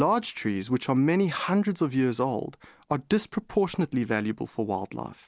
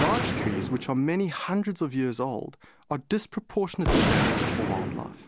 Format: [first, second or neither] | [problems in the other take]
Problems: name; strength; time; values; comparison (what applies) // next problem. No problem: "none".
first | background sound (Gunshot, gunfire); 1 dB below the speech